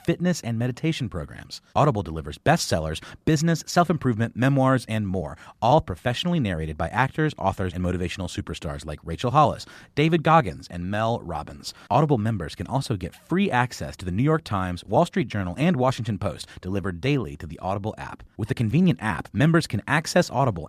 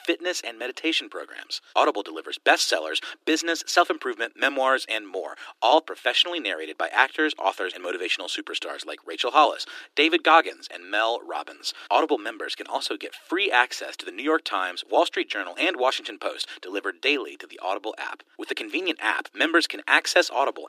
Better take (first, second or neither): first